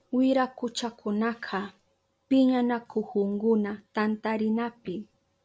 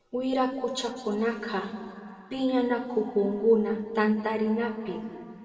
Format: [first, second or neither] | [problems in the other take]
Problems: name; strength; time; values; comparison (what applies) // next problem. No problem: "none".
first | room echo; dies away in 2.5 s